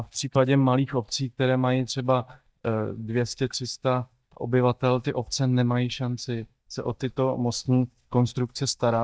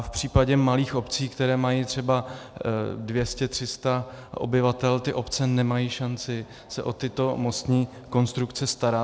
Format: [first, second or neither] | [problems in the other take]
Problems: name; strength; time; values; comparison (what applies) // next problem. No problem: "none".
second | noise reduction (neural mask model DeepFilterNet 3)